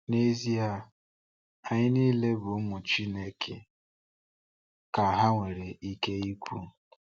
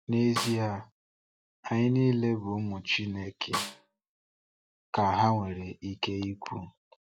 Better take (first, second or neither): first